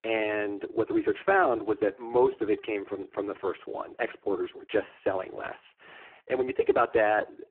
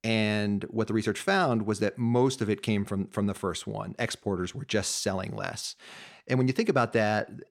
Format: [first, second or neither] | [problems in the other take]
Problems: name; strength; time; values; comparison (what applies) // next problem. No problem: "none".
second | phone-call audio; poor line